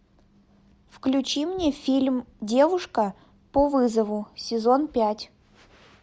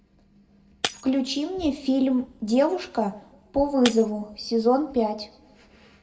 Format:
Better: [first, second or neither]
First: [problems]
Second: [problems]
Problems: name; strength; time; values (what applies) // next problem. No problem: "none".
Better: first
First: none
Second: background sound (Shatter); 15 dB below the speech // room echo; dies away in 0.7 s